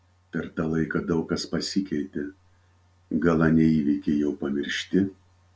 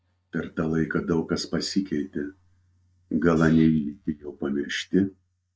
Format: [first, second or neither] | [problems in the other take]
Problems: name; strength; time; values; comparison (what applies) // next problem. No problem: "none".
first | noise reduction (neural mask model DeepFilterNet 3)